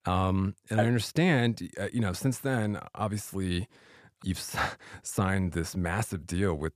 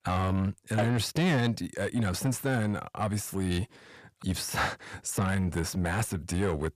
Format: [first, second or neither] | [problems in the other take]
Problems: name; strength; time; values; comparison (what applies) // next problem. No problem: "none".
first | distortion; slight; 10 dB below the speech